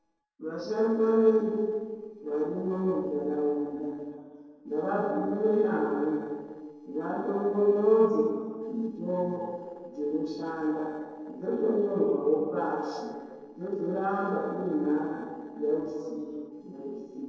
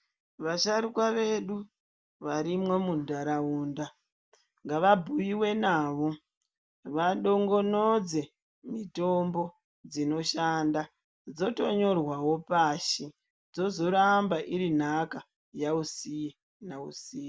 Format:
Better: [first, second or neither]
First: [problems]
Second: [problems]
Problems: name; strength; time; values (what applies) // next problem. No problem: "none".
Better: second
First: noise reduction (neural separator model SepFormer DNS4)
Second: none